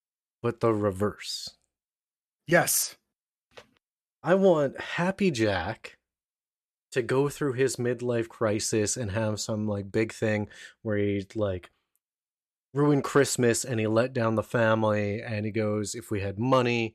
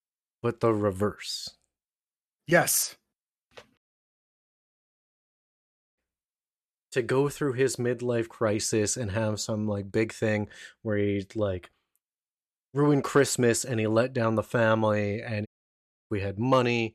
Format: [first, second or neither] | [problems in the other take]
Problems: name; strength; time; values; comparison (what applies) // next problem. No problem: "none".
first | audio cutting out; at 4 s for 2 s and at 15 s for 0.5 s